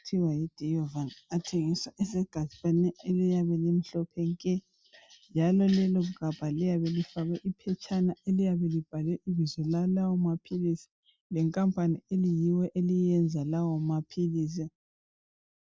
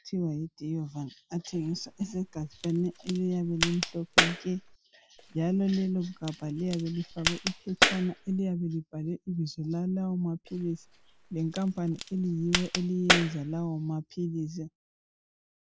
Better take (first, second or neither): first